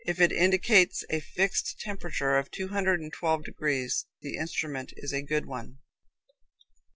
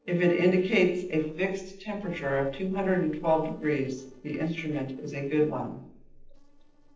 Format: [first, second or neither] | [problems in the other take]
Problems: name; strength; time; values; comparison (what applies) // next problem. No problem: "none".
first | noise reduction (neural separator model SepFormer DNS4)